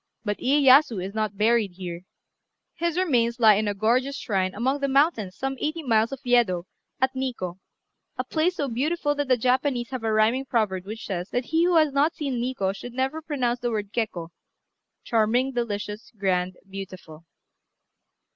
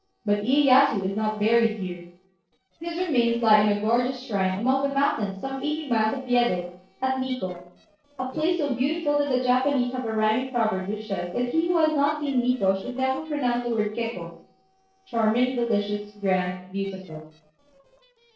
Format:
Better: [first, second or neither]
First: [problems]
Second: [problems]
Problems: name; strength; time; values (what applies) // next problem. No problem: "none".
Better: first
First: none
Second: noise reduction (neural separator model SepFormer DNS4)